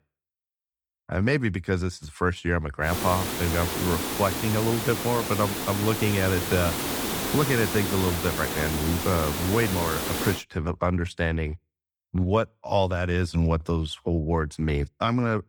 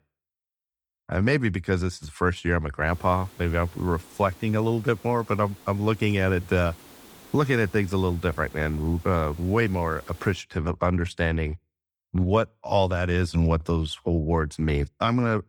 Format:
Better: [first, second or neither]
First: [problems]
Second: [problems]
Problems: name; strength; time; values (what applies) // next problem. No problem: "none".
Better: second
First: hiss; loud; from 3 to 10 s; 2 dB below the speech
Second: hiss; faint; from 3 to 10 s; 25 dB below the speech